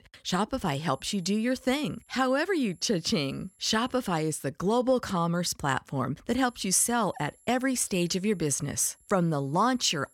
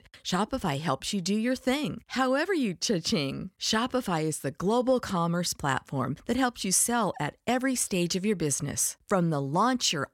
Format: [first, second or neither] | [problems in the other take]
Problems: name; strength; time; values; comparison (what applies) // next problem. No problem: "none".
second | high-pitched whine; faint; from 1 to 4.5 s and from 6.5 s on; 11 kHz, 30 dB below the speech